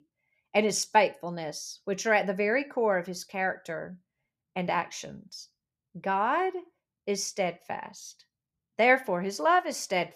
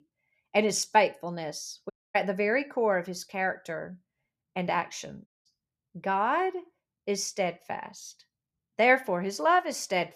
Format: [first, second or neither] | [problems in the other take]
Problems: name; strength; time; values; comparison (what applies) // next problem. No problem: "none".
first | audio cutting out; at 2 s and at 5.5 s